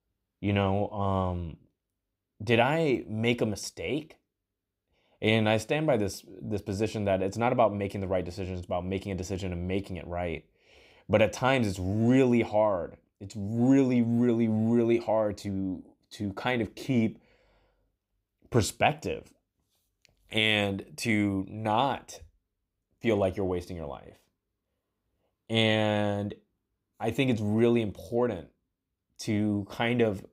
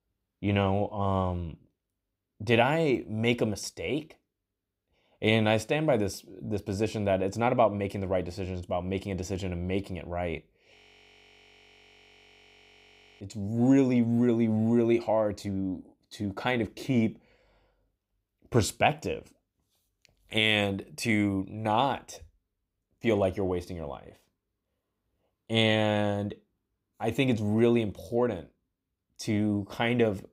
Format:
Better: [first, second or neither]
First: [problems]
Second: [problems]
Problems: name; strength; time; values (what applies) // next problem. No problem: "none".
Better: first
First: none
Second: audio freezing; at 11 s for 2.5 s